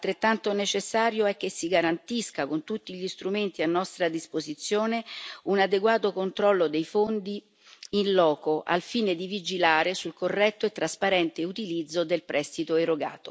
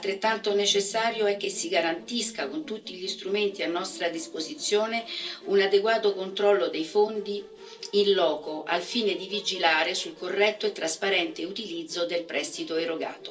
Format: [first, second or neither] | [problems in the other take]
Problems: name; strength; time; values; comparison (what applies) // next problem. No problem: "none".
first | noise reduction (neural separator model SepFormer DNS4)